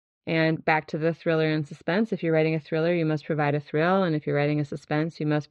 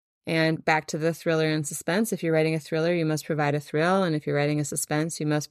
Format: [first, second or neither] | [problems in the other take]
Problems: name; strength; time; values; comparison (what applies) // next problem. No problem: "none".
second | muffled; slightly; fading above 3.5 kHz